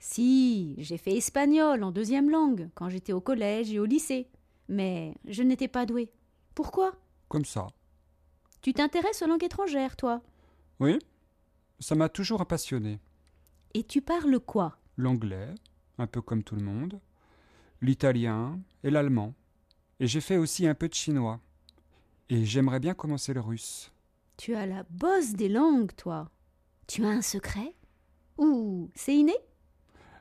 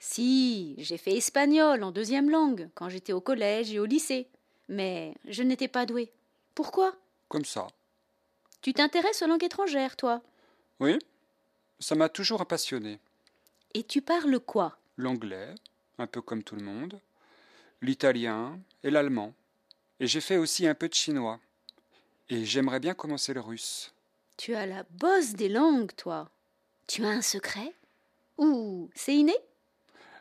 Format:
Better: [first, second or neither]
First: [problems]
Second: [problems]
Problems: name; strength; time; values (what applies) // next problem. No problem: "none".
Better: first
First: none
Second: thin; very slightly; fading below 300 Hz